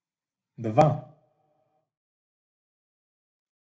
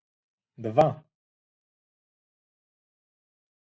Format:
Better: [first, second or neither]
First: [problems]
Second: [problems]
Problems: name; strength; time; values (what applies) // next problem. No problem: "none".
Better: second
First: room echo; dies away in 0.2 s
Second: none